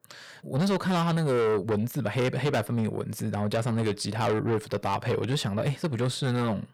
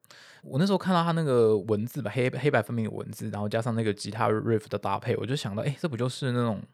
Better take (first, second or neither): second